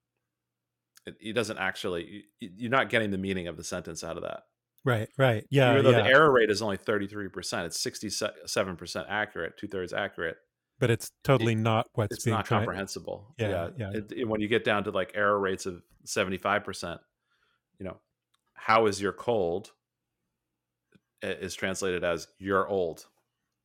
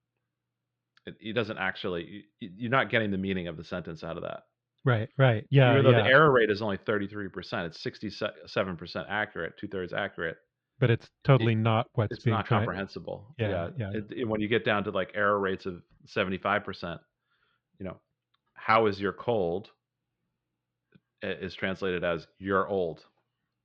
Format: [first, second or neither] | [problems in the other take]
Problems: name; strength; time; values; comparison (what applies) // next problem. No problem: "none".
first | muffled; slightly; fading above 4 kHz